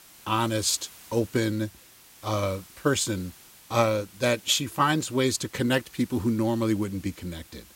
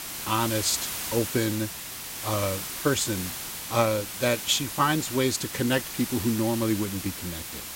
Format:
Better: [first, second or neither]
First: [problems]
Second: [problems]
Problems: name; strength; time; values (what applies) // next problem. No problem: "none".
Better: first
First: hiss; faint; throughout; 20 dB below the speech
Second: hiss; loud; throughout; 6 dB below the speech